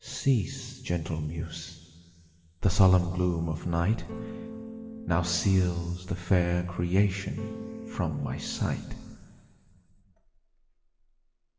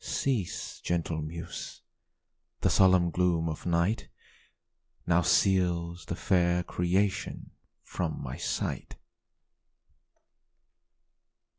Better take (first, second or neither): second